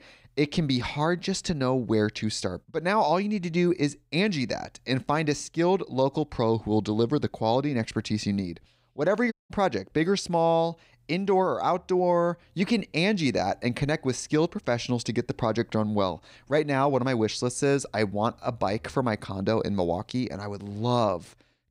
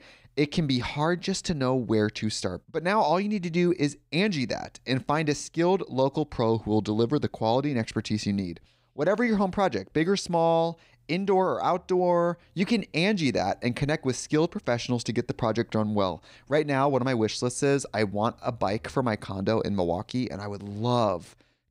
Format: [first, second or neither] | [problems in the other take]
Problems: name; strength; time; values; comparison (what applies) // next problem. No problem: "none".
second | audio cutting out; at 9.5 s